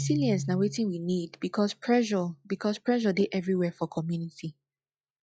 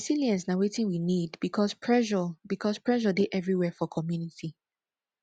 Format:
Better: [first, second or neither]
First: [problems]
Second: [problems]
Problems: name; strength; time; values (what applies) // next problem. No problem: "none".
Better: second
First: noise reduction (classical method log-MMSE)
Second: none